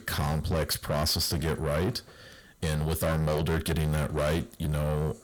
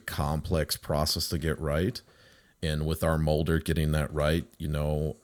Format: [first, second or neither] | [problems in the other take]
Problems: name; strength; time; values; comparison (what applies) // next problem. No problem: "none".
second | distortion; heavy; 6 dB below the speech